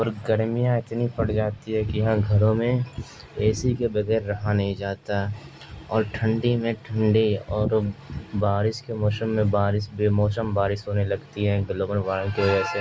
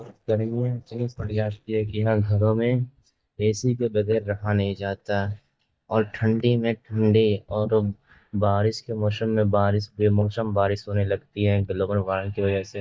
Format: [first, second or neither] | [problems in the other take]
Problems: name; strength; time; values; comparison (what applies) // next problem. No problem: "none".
first | noise reduction (neural mask model DeepFilterNet 3)